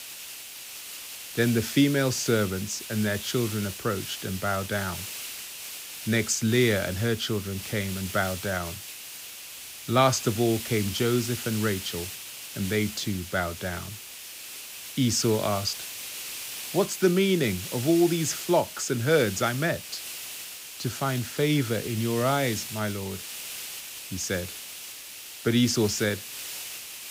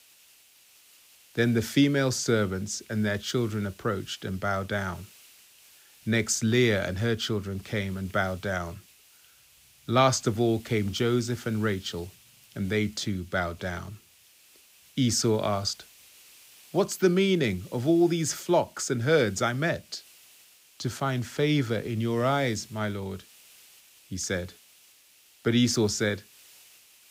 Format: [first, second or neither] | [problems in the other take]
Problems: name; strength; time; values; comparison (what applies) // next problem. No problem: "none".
second | hiss; loud; throughout; 9 dB below the speech; faint in the second